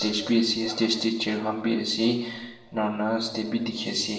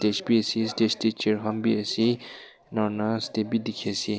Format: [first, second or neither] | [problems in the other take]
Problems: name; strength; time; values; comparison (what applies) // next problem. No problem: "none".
second | room echo; dies away in 0.8 s